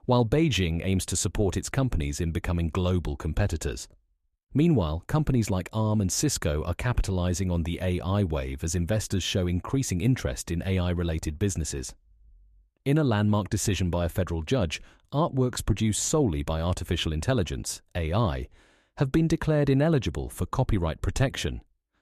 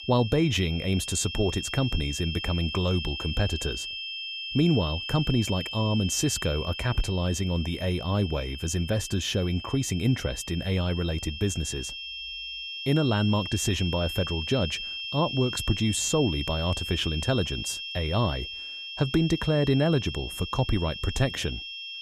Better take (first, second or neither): first